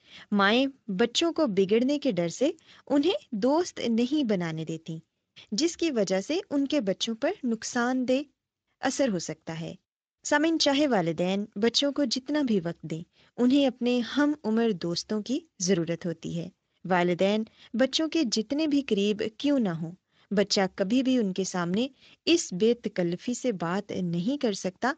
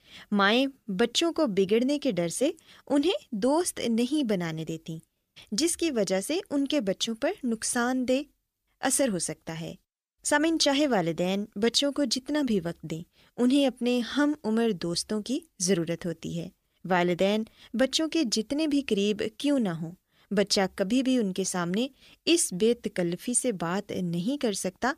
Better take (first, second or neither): second